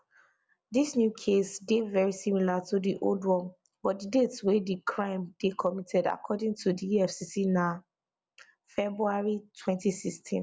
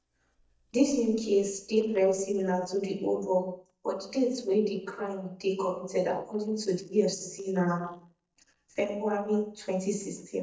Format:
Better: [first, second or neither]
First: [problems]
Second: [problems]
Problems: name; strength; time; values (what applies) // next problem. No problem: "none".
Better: first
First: none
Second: noise reduction (neural mask model DeepFilterNet 3)